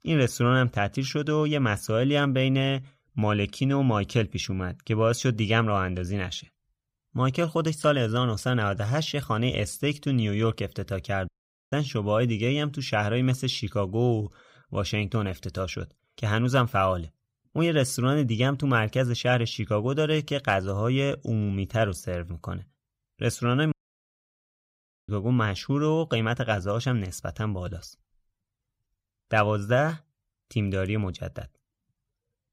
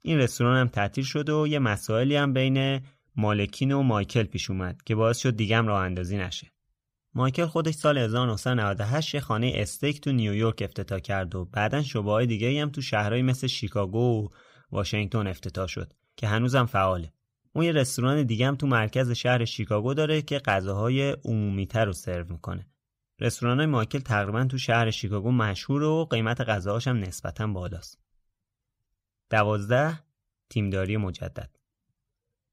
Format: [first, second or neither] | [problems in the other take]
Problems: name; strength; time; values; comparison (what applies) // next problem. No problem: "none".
second | audio cutting out; at 11 s and at 24 s for 1.5 s